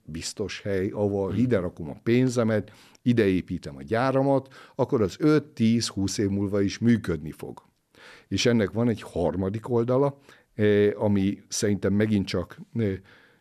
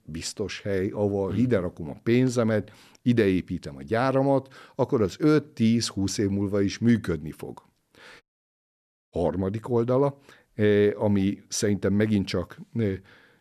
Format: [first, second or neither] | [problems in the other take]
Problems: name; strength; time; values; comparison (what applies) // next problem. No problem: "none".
first | audio cutting out; at 8 s for 1 s